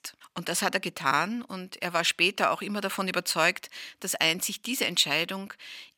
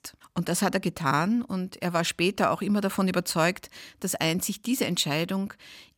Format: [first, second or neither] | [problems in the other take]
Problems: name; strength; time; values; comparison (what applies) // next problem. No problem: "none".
second | thin; somewhat; fading below 500 Hz